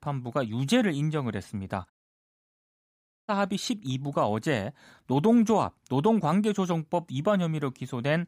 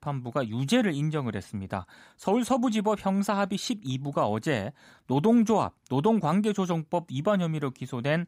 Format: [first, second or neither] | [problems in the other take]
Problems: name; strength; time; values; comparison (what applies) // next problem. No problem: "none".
second | audio cutting out; at 2 s for 1.5 s